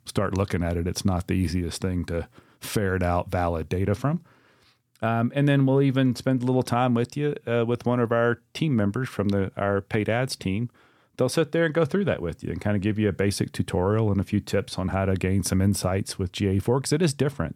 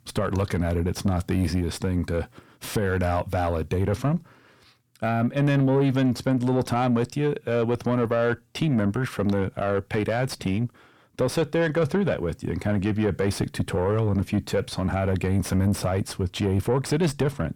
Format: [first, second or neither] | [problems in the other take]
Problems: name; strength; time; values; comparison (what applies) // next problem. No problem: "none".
first | distortion; slight; 10 dB below the speech